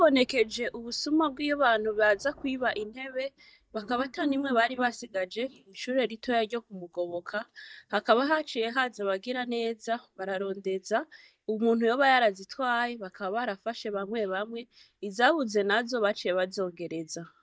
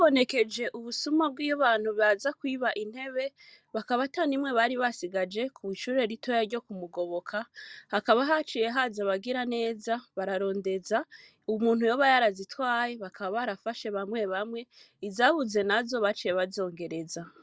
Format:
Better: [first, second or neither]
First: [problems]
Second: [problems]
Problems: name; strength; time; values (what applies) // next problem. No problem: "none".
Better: second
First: noise reduction (neural mask model DeepFilterNet 3)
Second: none